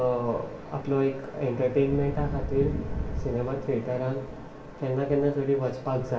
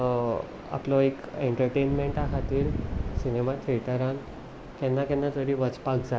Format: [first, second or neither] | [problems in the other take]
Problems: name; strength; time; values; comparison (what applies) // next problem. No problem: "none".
second | room echo; dies away in 0.7 s